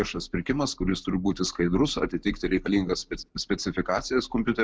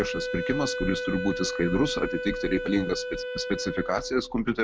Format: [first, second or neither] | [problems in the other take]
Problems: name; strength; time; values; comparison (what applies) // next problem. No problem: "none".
first | background sound (Wind instrument, woodwind instrument); 5 dB below the speech